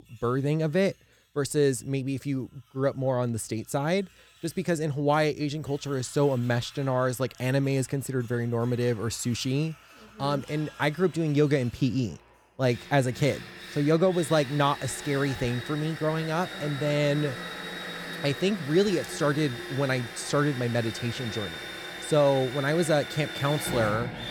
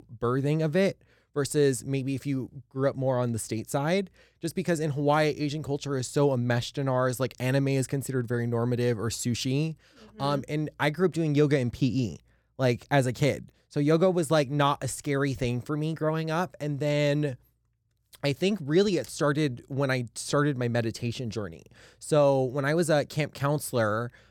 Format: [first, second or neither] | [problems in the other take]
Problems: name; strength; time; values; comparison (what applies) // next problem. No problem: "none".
second | machinery noise; loud; throughout; 10 dB below the speech